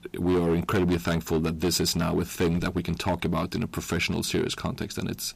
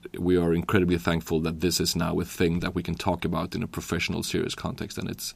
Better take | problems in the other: second | distortion; slight; 9% of the sound clipped

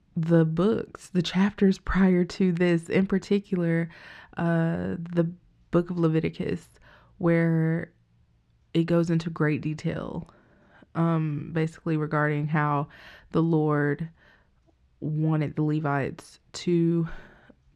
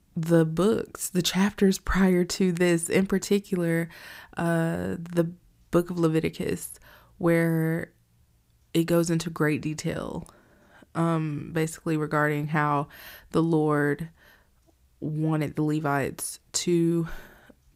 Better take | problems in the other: second | muffled; slightly; fading above 3.5 kHz

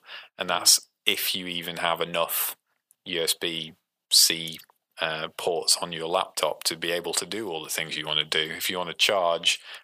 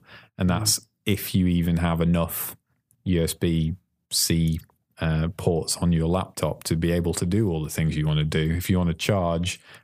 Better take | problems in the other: second | thin; very; fading below 700 Hz

